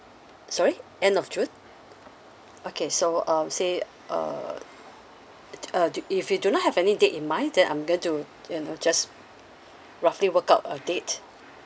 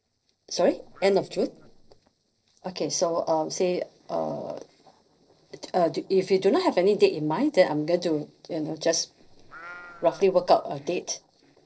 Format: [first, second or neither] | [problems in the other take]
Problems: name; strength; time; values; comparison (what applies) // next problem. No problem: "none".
first | noise reduction (neural separator model SepFormer DNS4)